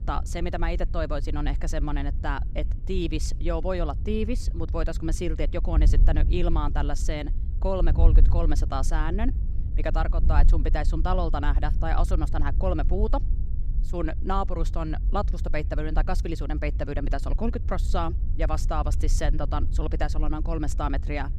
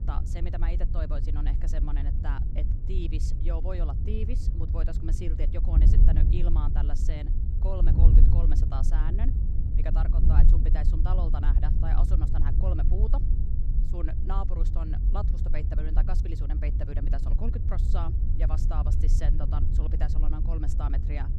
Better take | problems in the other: first | wind noise on the microphone; heavy; 3 dB below the speech; occasional gusts in the first

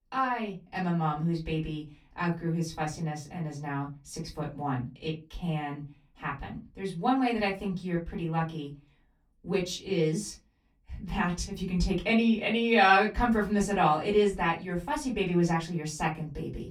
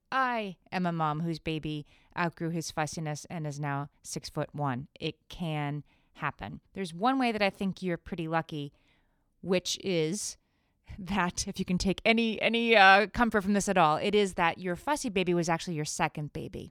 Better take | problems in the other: second | off-mic speech; far // room echo; very slight; dies away in 0.2 s

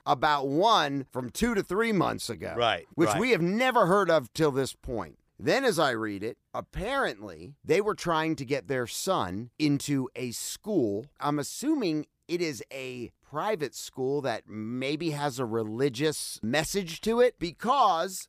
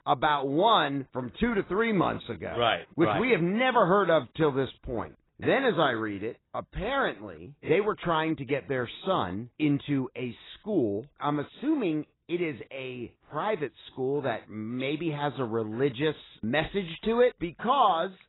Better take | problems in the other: first | garbled, watery; badly; nothing above 4 kHz

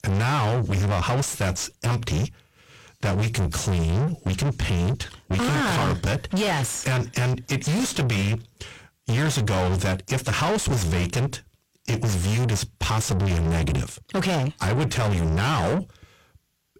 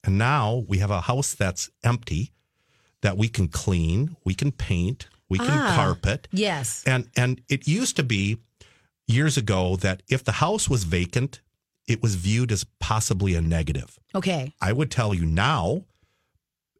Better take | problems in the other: second | distortion; heavy; 5 dB below the speech

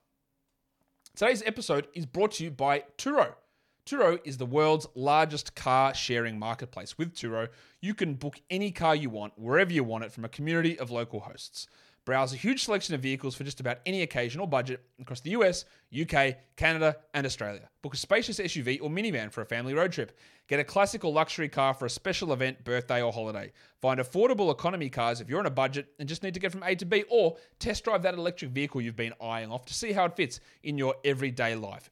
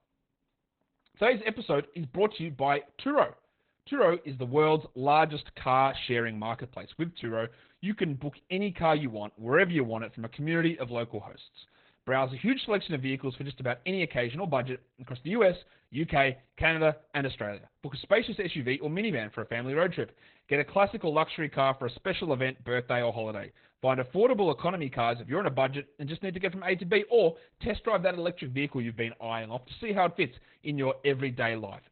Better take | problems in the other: first | garbled, watery; badly; nothing above 4 kHz

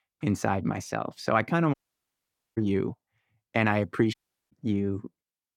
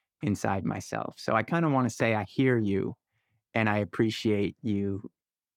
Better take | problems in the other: second | audio cutting out; at 1.5 s for 1 s and at 4 s

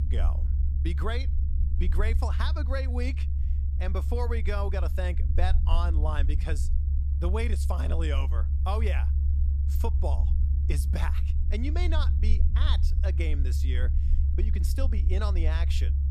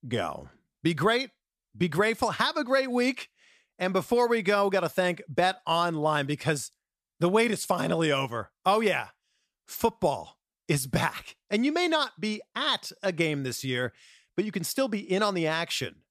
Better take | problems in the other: second | low rumble; loud; throughout; 8 dB below the speech

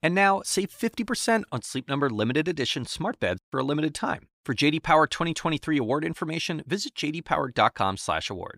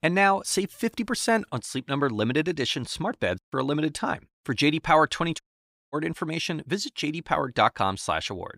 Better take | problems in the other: first | audio cutting out; at 5.5 s for 0.5 s

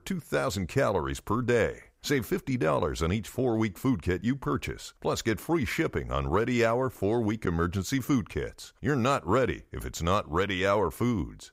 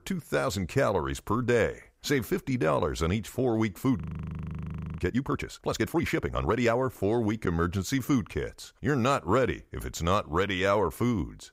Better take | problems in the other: first | audio freezing; at 4 s for 1 s

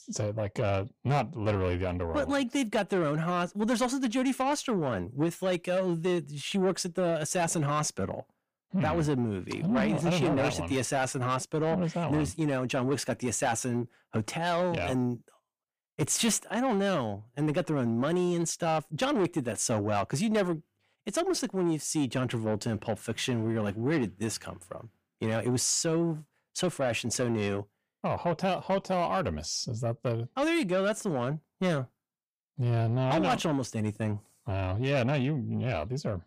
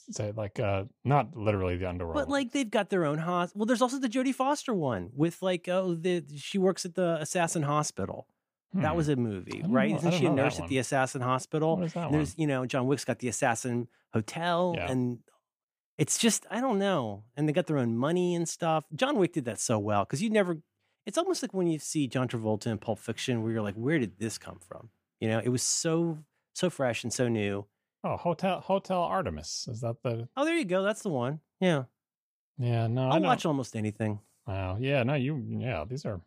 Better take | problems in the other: second | distortion; slight; 10 dB below the speech

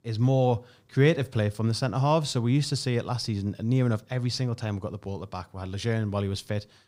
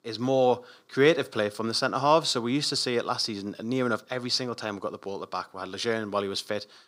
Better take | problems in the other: first | thin; somewhat; fading below 350 Hz

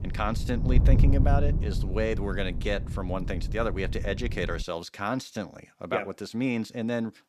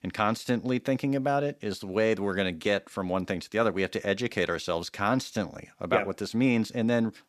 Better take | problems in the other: second | wind noise on the microphone; occasional gusts; until 4.5 s; 10 dB below the speech

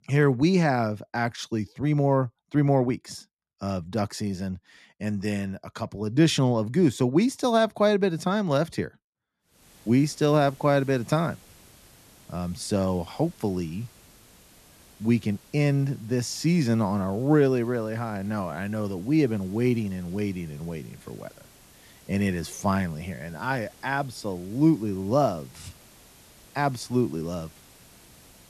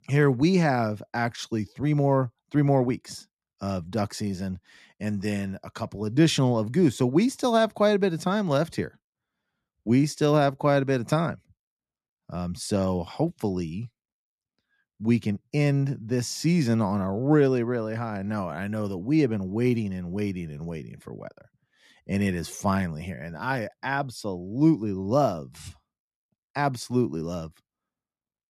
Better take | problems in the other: second | hiss; faint; from 9.5 s on; 25 dB below the speech

